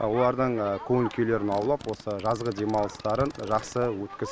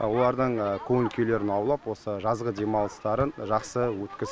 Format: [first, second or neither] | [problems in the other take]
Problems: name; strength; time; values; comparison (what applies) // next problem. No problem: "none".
second | background sound (Fart); 20 dB below the speech